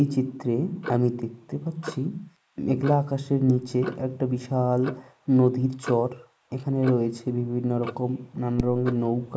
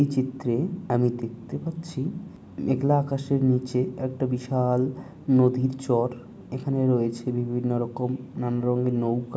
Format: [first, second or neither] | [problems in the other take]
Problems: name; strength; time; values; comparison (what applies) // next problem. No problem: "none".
second | noise reduction (neural mask model Resemble Enhance denoiser)